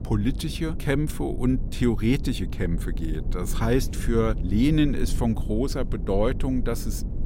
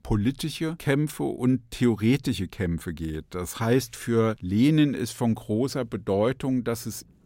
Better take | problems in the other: second | low rumble; noticeable; throughout; 15 dB below the speech

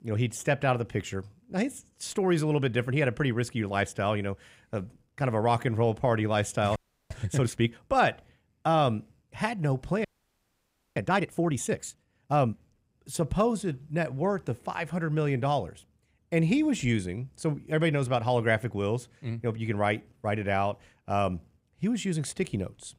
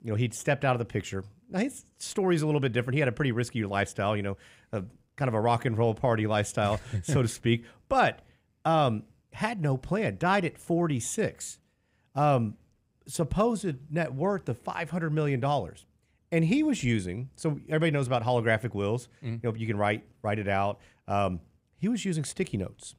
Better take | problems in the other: second | audio freezing; at 7 s and at 10 s for 1 s

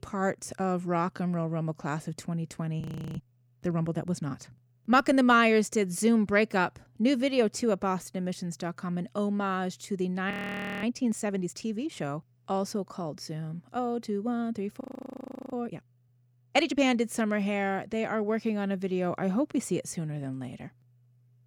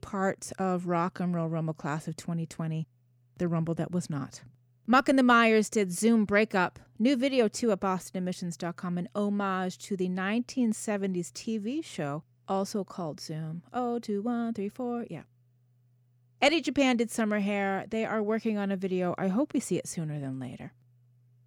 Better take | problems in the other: second | audio freezing; at 3 s, at 10 s for 0.5 s and at 15 s for 0.5 s

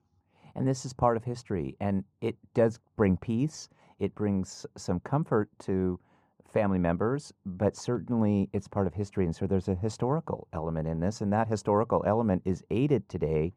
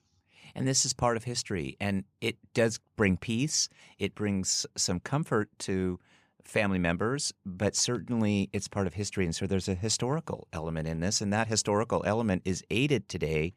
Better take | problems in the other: second | muffled; very; fading above 1.5 kHz

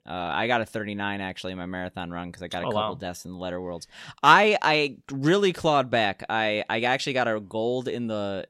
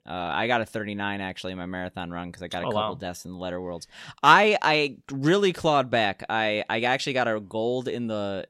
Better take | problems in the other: neither | none

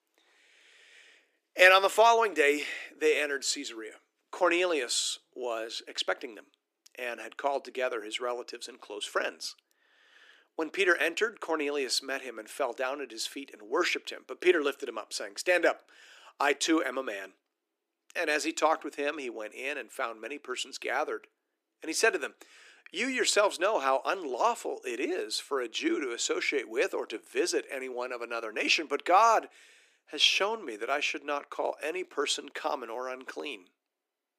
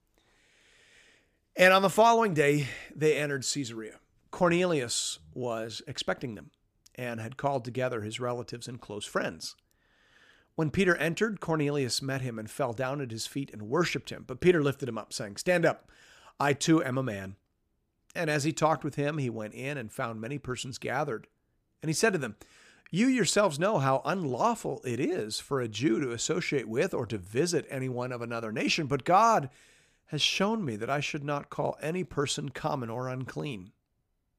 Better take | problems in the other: second | thin; somewhat; fading below 300 Hz

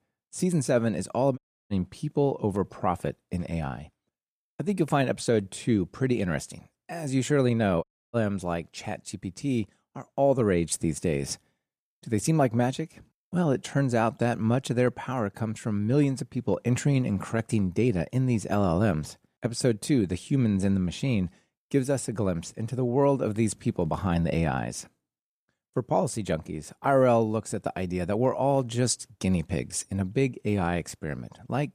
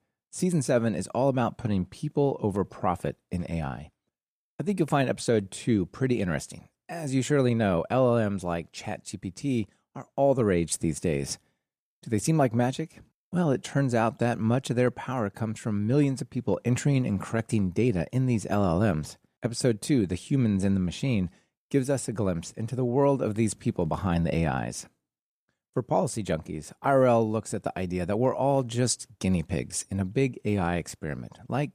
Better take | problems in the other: second | audio cutting out; at 1.5 s and at 8 s

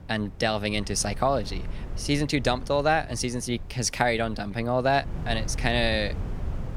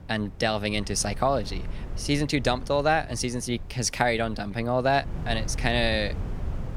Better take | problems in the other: neither | wind noise on the microphone; occasional gusts; 20 dB below the speech; the same in both

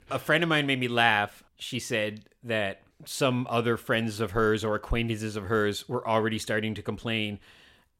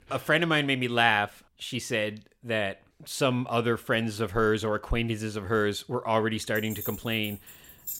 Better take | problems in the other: first | jangling keys; noticeable; from 6.5 s on; peak 9 dB below the speech

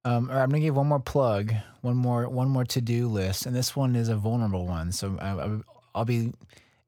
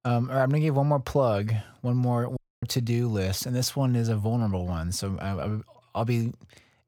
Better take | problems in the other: first | audio cutting out; at 2.5 s

